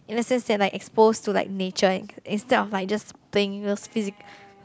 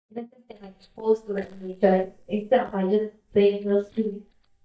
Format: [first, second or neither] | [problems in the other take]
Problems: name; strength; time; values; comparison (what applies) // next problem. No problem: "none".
first | noise reduction (neural mask model DeepFilterNet 3)